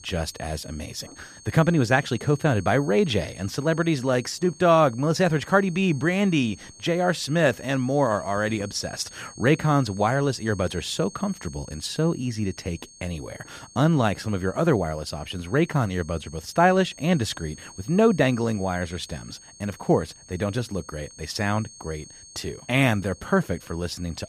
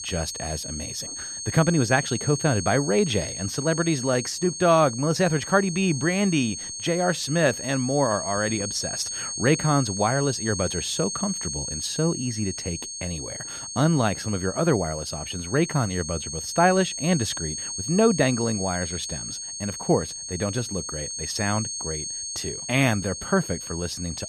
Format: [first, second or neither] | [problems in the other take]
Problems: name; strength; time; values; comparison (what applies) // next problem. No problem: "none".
first | high-pitched whine; loud; throughout; 6.5 kHz, 6 dB below the speech; faint in the first